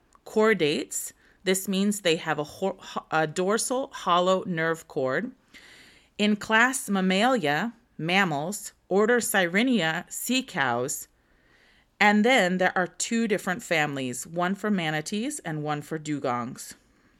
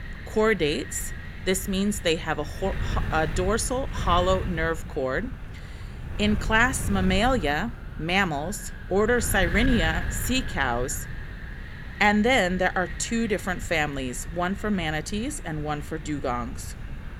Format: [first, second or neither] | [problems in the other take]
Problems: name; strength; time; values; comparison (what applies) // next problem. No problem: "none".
first | wind noise on the microphone; occasional gusts; 15 dB below the speech